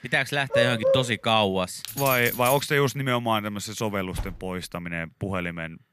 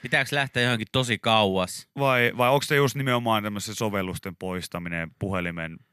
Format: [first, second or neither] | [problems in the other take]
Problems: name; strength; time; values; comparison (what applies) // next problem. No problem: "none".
second | dog barking; loud; at 0.5 s; peak 2 dB above the speech // jangling keys; noticeable; at 2 s; peak 4 dB below the speech // door banging; faint; at 4 s; peak 15 dB below the speech